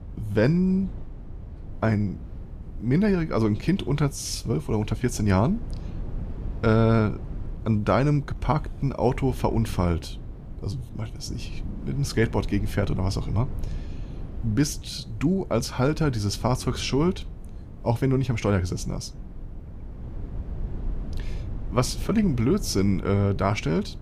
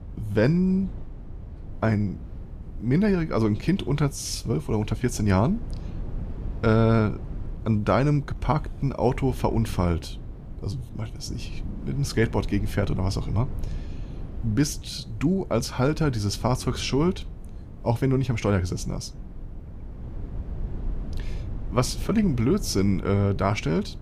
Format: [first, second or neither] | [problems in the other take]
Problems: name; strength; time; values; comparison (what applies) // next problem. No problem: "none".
neither | low rumble; faint; throughout; 20 dB below the speech; the same in both